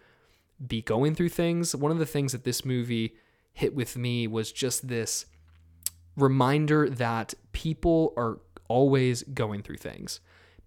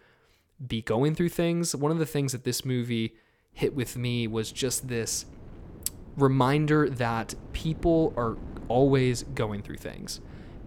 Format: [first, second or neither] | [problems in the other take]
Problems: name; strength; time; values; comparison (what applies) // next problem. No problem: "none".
first | wind noise on the microphone; occasional gusts; from 3.5 s on; 20 dB below the speech